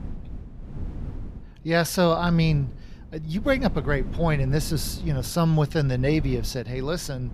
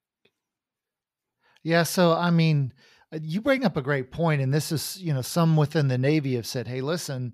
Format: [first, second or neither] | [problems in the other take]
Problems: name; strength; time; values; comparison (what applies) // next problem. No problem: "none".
second | wind noise on the microphone; occasional gusts; 20 dB below the speech